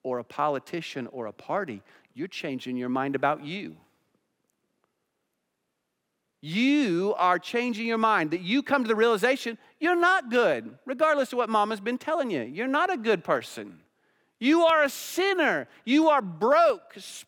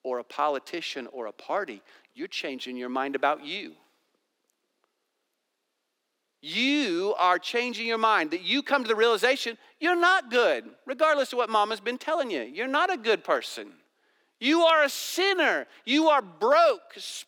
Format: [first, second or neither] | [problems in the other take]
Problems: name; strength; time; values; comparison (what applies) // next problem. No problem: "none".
first | thin; very slightly; fading below 300 Hz